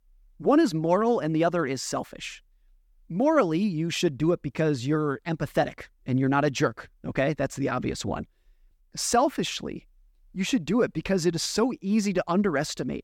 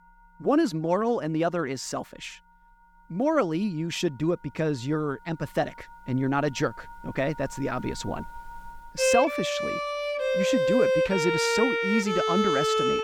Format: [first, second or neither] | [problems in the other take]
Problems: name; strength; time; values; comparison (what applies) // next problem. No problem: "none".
first | background music; very loud; throughout; 2 dB above the speech